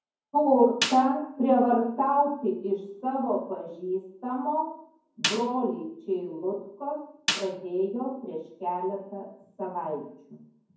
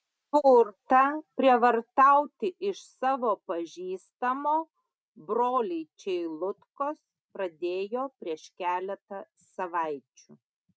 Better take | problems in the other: second | background sound (Snare drum); 8 dB below the speech // room echo; dies away in 0.9 s

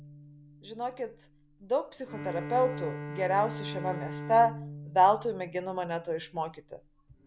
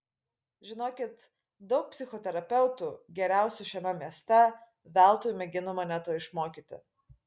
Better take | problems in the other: second | background sound (Bowed string instrument); 11 dB below the speech

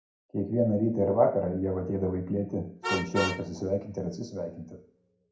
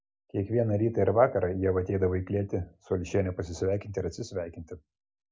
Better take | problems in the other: second | background sound (Vehicle horn, car horn, honking); 11 dB below the speech // room echo; dies away in 0.5 s

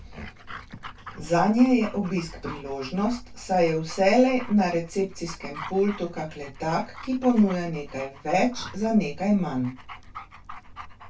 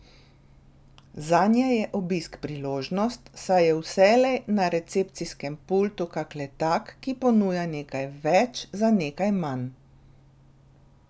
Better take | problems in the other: second | background sound (Dog); 19 dB below the speech // room echo; dies away in 0.1 s

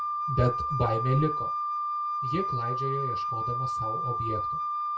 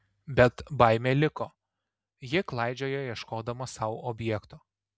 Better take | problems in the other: second | background sound (Wind instrument, woodwind instrument); 1 dB above the speech // room echo; dies away in 0.2 s

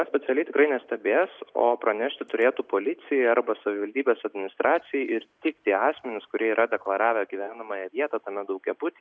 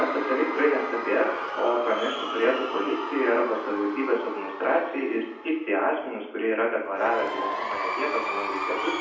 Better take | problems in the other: first | background sound (Crowd / Cheering); 6 dB below the speech // room echo; dies away in 0.9 s

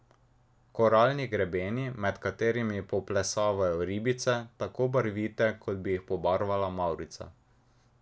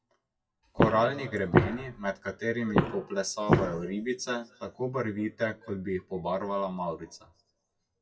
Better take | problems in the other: first | noise reduction (classical method WPE with log-MMSE)

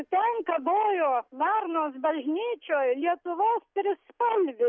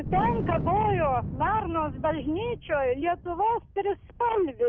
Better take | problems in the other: first | background sound (Wind); 7 dB below the speech

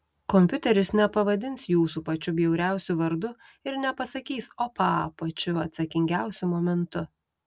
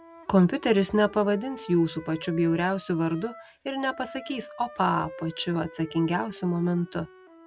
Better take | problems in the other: first | background sound (Wind instrument, woodwind instrument); 18 dB below the speech

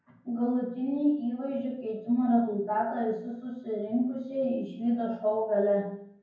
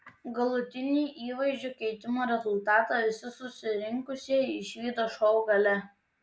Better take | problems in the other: second | room echo; dies away in 0.9 s

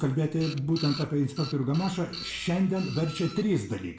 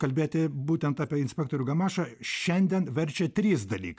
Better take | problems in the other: second | background sound (Printer); 14 dB below the speech // room echo; dies away in 0.5 s

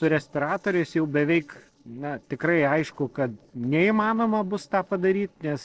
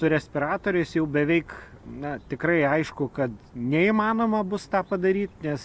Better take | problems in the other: second | noise reduction (neural separator model SepFormer DNS4)

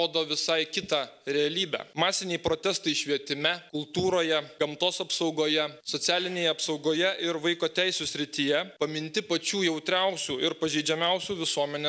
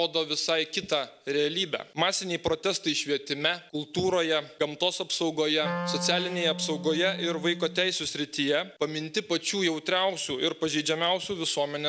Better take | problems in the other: first | background sound (Wind instrument, woodwind instrument); 8 dB below the speech

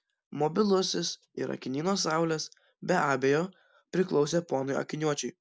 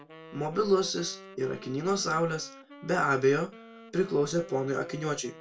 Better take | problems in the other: first | background sound (Wind instrument, woodwind instrument); 19 dB below the speech // room echo; dies away in 0.2 s

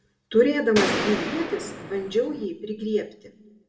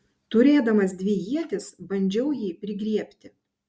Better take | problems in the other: second | background sound (Gunshot, gunfire); 4 dB below the speech // room echo; dies away in 0.8 s

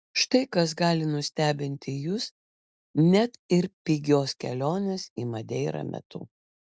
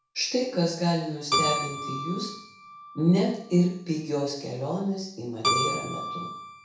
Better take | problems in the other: first | background sound (Keyboard (musical)); 5 dB below the speech // room echo; dies away in 0.6 s

